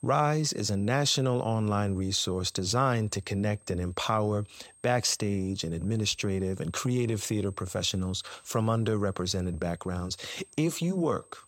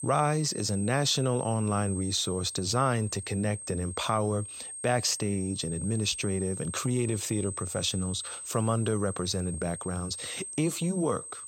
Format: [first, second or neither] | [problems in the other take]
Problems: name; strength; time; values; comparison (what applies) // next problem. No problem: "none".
first | high-pitched whine; loud; throughout; 8.5 kHz, 8 dB below the speech; faint in the first